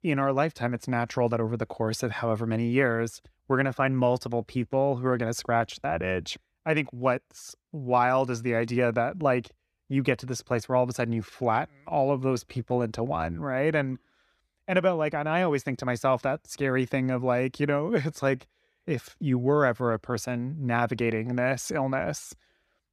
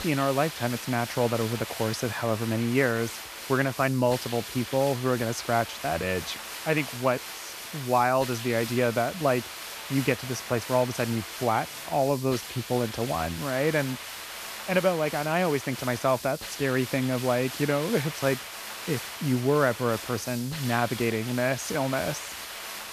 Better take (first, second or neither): first